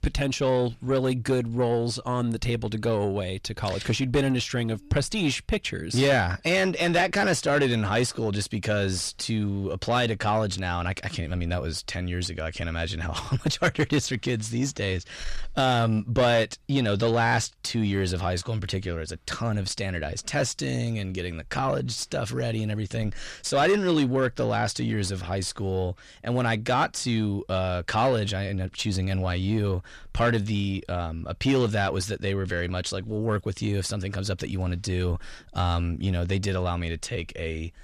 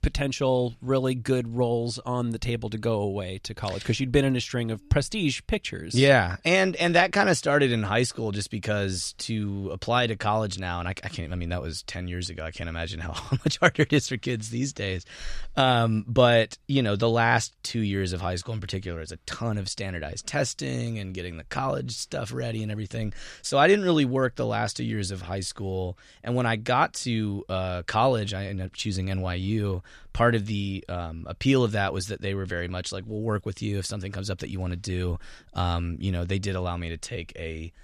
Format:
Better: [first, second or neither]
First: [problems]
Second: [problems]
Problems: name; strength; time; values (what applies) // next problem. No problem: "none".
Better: second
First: distortion; slight; 10 dB below the speech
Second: none